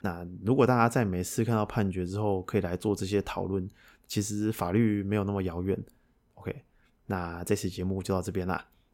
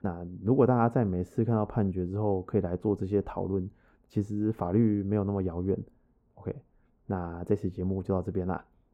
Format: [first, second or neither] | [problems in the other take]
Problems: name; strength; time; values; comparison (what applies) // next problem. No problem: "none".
first | muffled; very; fading above 2 kHz